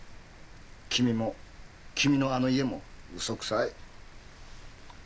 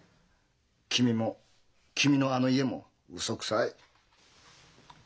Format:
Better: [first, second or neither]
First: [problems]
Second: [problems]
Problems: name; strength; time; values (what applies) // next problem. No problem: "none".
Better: second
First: background sound (Rain); 15 dB below the speech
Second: none